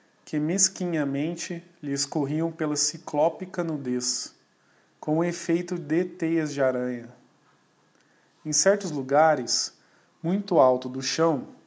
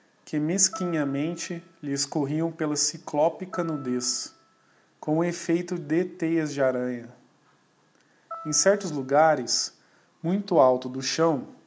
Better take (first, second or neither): first